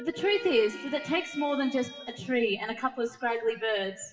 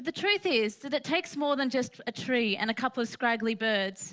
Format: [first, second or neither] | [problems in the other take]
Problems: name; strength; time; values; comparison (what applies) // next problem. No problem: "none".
second | noise reduction (classical method WPE with log-MMSE)